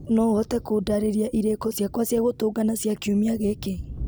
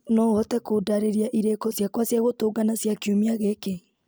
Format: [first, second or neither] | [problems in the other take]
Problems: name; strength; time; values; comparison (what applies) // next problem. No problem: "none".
second | background sound (Thunder); 15 dB below the speech